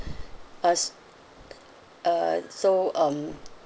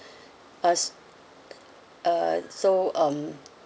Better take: second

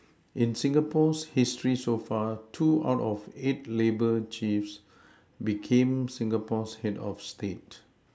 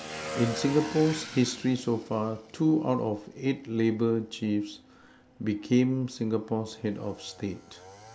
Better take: first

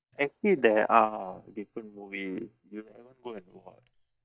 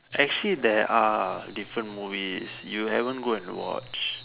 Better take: second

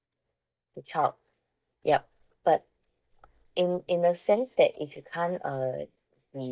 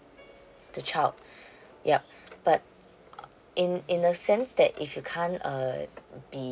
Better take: second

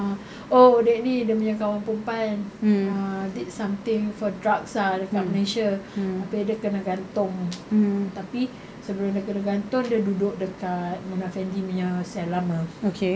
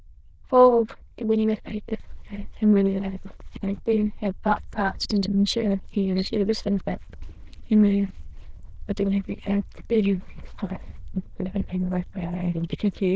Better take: first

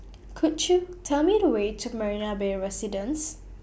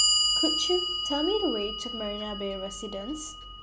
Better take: first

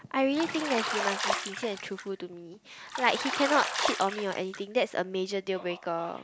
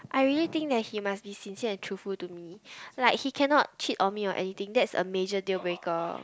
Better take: second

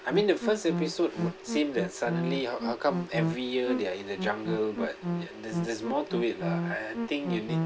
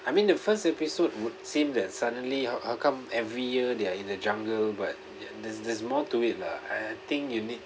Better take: second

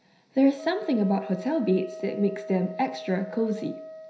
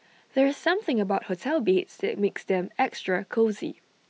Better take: second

